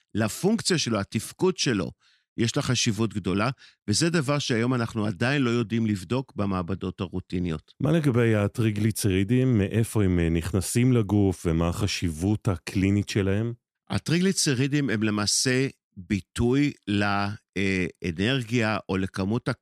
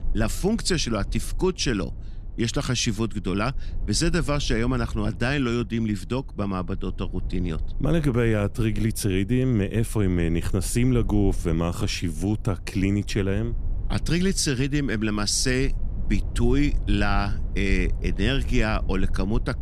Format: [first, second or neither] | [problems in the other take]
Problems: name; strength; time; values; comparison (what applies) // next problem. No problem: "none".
first | low rumble; faint; throughout; 20 dB below the speech